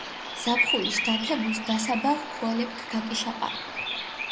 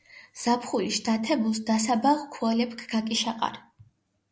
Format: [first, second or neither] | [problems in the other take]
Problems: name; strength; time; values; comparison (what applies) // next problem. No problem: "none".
second | background sound (Bird vocalization, bird call, bird song); 2 dB below the speech